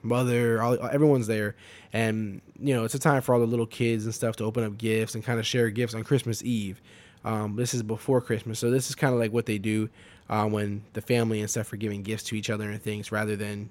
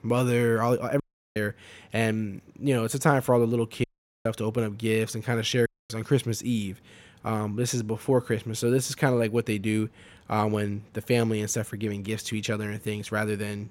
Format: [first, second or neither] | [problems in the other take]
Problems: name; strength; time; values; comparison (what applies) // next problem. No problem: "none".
first | audio cutting out; at 1 s, at 4 s and at 5.5 s